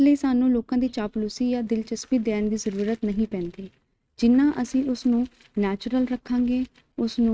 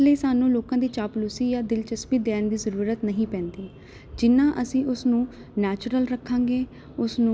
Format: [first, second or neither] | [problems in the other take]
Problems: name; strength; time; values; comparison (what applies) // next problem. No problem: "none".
second | noise reduction (neural mask model RNNoise)